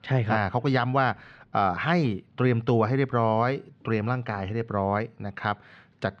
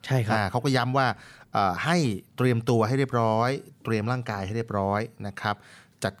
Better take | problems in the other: second | muffled; slightly; fading above 3.5 kHz

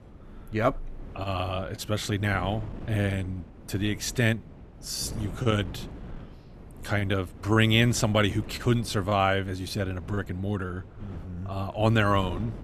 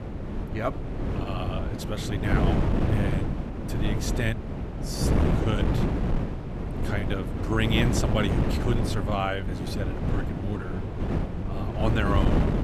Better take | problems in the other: first | wind noise on the microphone; heavy; 2 dB below the speech; occasional gusts in the first

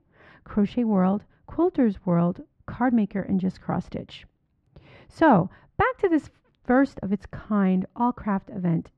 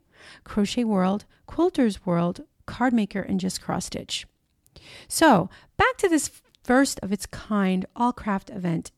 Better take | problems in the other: second | muffled; very; fading above 1.5 kHz

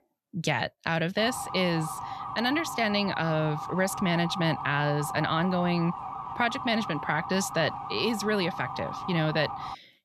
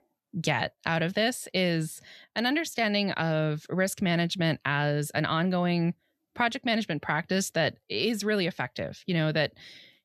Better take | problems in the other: second | siren; noticeable; from 1 s on; peak 6 dB below the speech

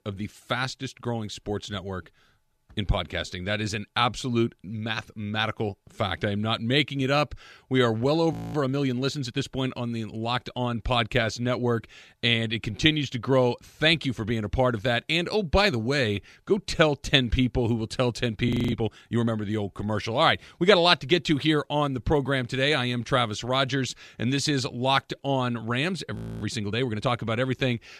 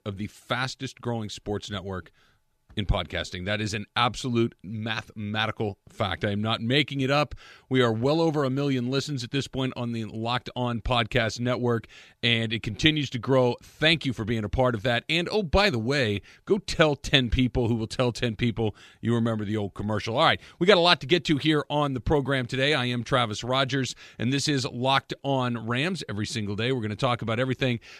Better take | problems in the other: second | audio freezing; at 8.5 s, at 18 s and at 26 s

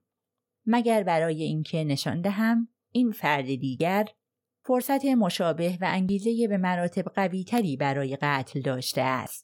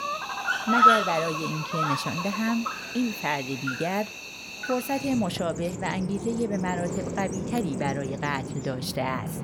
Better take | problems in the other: first | animal sounds; very loud; throughout; 1 dB above the speech

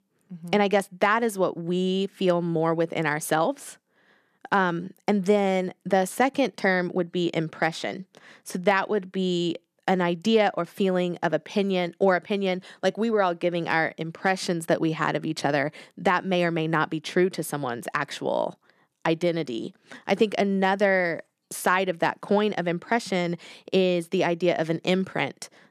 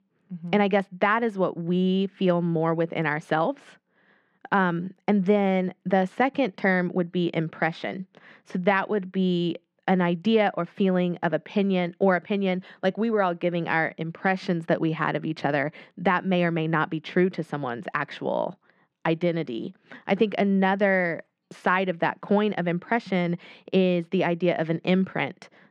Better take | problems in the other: first | muffled; slightly; fading above 2.5 kHz

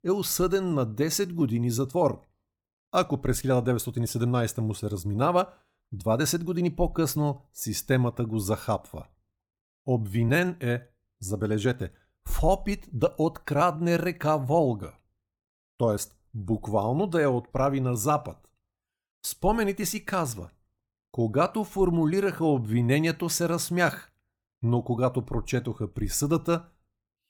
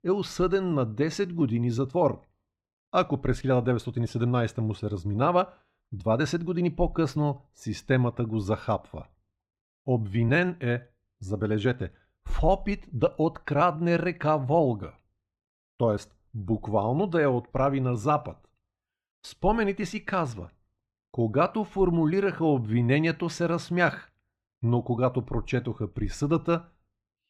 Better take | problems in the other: first | muffled; slightly; fading above 3 kHz

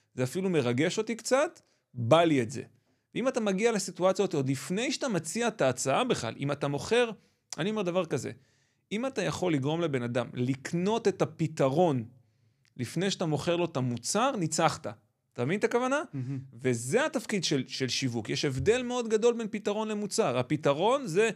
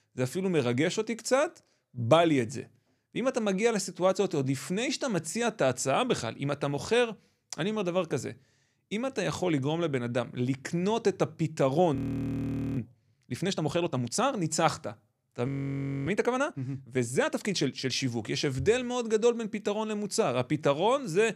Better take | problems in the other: first | audio freezing; at 12 s for 1 s and at 15 s for 0.5 s

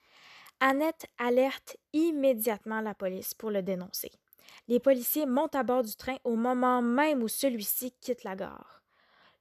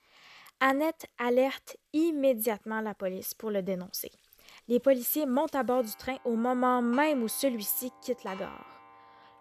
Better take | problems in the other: first | household noises; faint; throughout; 25 dB below the speech

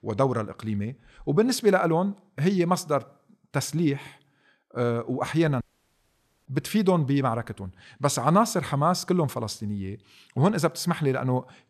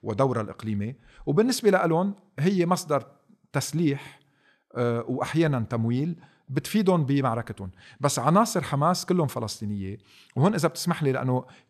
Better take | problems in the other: second | audio cutting out; at 5.5 s for 1 s

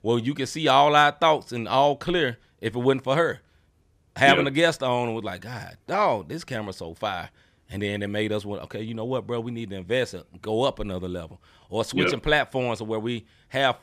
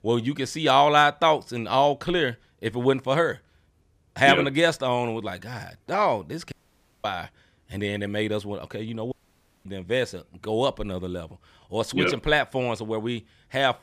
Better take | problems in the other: first | audio cutting out; at 6.5 s for 0.5 s and at 9 s for 0.5 s

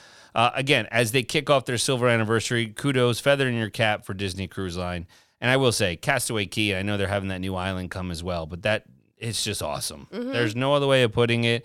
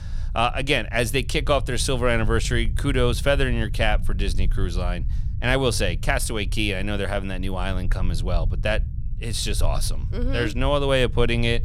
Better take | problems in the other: first | low rumble; faint; throughout; 20 dB below the speech

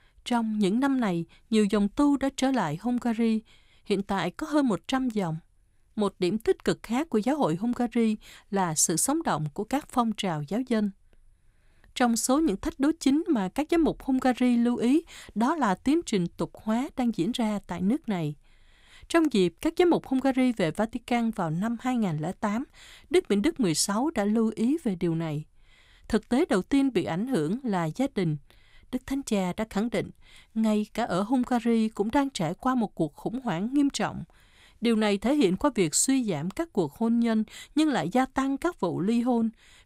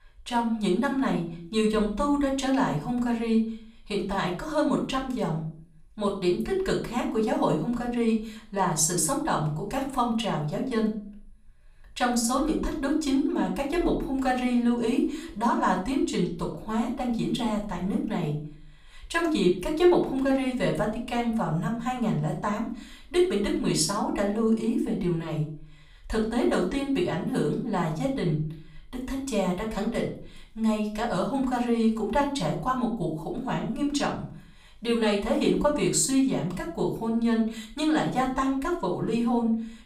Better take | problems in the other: first | off-mic speech; far // room echo; slight; dies away in 0.4 s

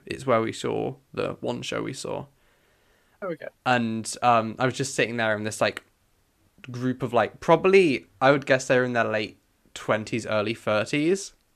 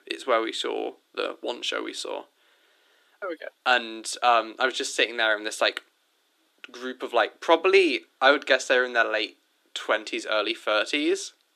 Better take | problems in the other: first | thin; somewhat; fading below 300 Hz

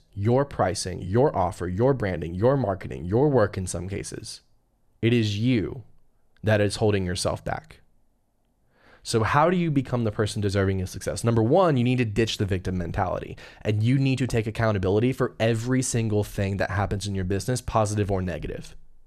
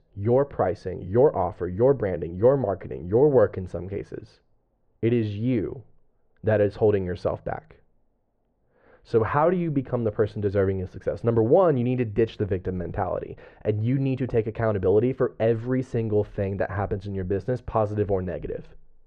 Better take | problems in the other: first | muffled; very; fading above 2 kHz

